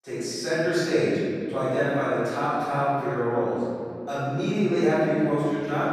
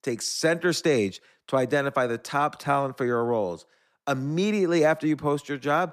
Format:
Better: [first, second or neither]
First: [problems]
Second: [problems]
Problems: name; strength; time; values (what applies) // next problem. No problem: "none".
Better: second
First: room echo; strong; dies away in 2.5 s // off-mic speech; far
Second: none